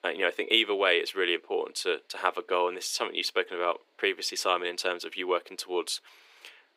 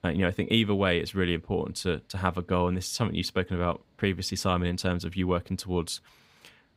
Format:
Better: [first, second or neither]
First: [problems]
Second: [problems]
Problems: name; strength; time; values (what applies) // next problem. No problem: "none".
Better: second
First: thin; very; fading below 350 Hz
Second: none